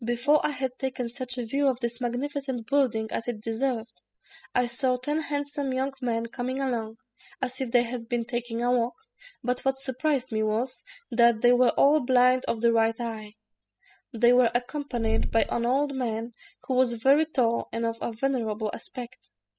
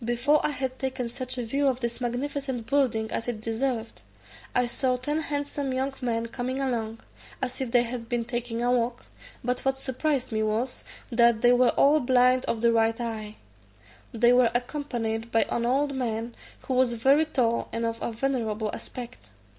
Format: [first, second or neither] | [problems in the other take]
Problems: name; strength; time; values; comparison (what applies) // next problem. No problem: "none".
second | noise reduction (classical method spectral subtraction)